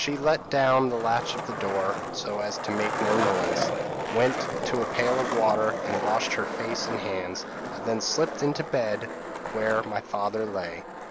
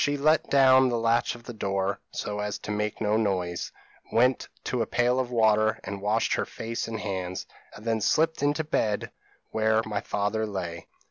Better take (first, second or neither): second